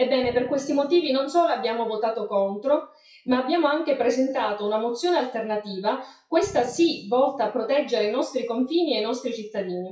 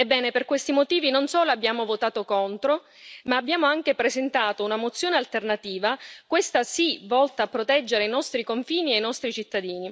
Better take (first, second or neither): second